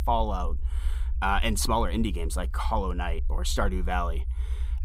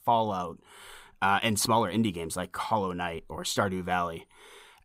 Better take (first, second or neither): second